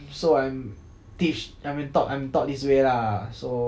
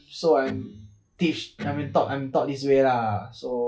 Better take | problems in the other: first | noise reduction (classical method log-MMSE)

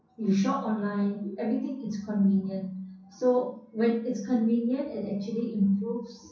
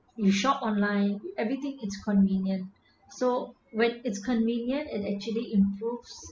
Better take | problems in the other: second | room echo; dies away in 0.6 s

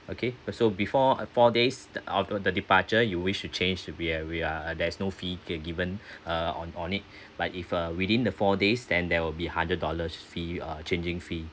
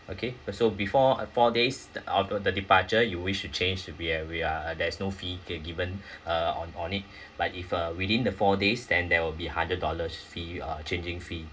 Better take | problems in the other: first | room echo; dies away in 0.2 s

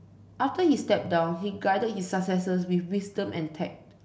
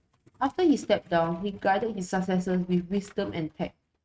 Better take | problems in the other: first | noise reduction (neural mask model RNNoise)

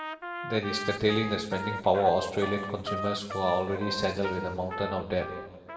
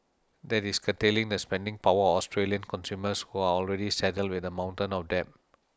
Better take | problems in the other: second | background sound (Trumpet); 8 dB below the speech // room echo; dies away in 1.7 s

